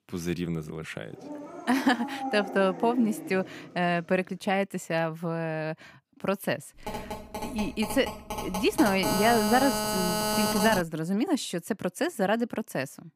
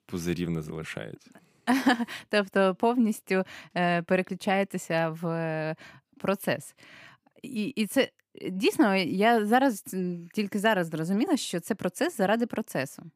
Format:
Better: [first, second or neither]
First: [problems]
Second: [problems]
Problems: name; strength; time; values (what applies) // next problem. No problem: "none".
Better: second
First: dog barking; noticeable; from 1 to 4 s; peak 6 dB below the speech // phone ringing; loud; from 7 to 11 s; peak 2 dB above the speech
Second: none